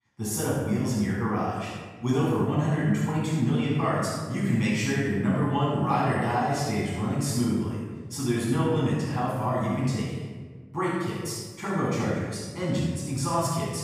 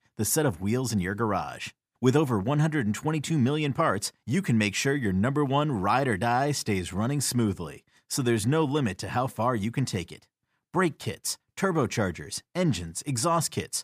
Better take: second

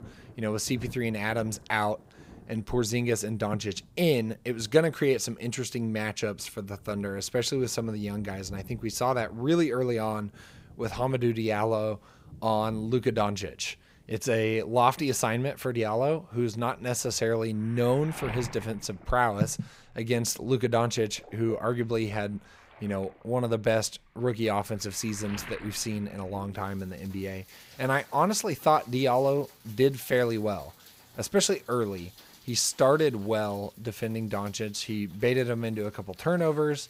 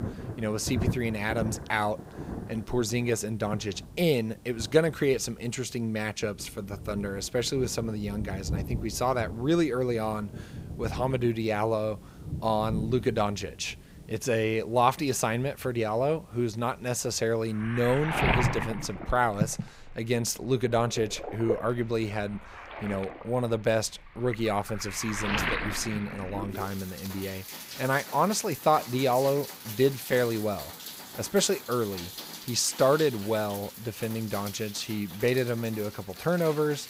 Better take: first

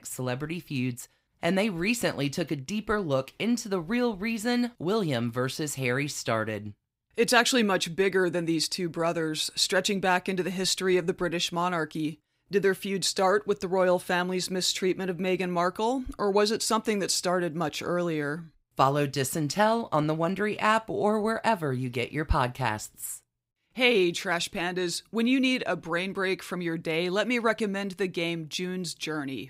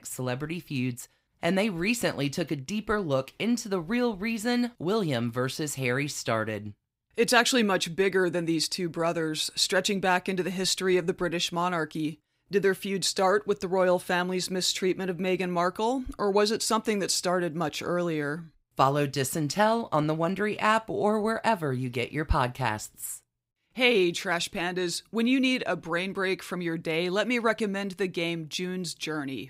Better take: neither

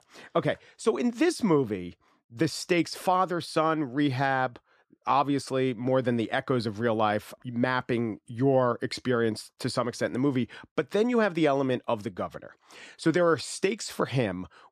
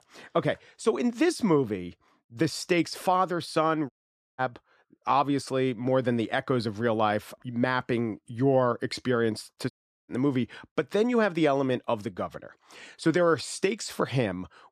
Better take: first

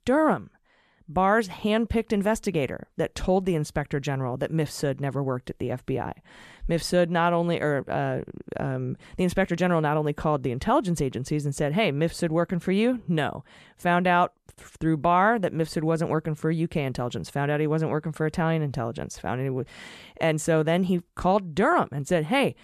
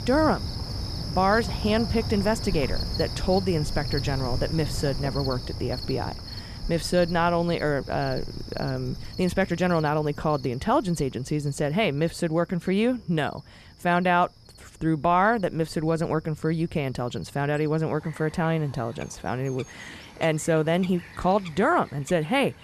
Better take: first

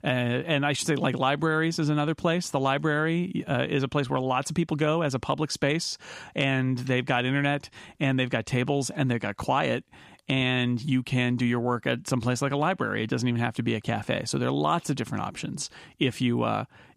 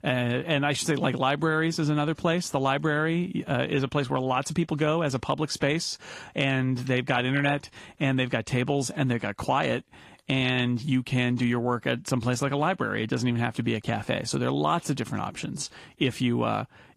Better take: first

